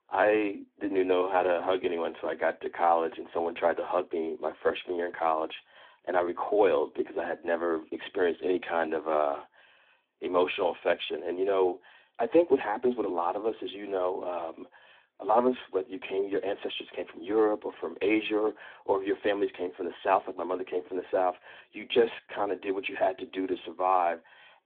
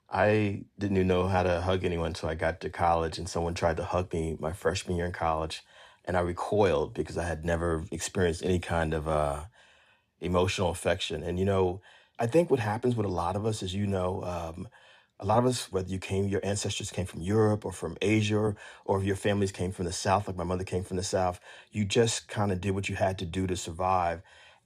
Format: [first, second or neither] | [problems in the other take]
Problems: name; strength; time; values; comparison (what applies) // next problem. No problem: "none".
second | phone-call audio; nothing above 3.5 kHz